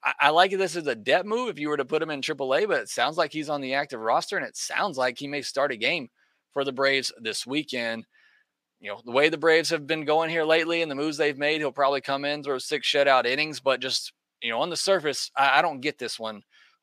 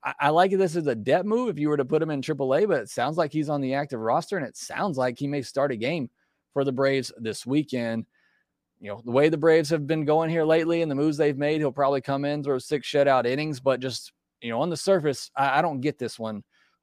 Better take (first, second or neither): second